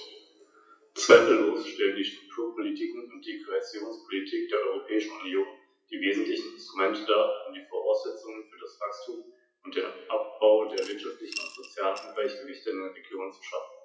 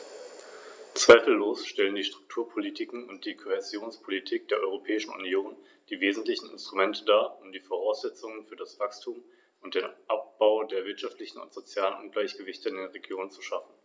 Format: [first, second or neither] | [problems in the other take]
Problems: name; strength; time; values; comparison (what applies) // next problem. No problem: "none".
second | noise reduction (classical method WPE with log-MMSE)